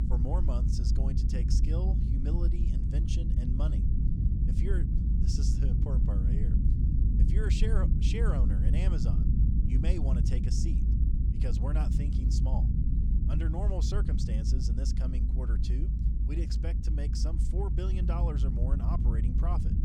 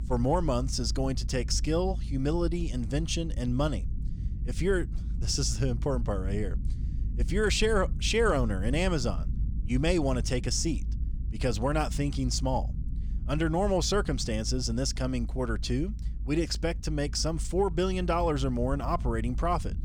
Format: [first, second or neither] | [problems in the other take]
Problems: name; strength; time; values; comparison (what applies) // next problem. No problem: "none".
second | low rumble; loud; throughout; 1 dB below the speech; faint in the second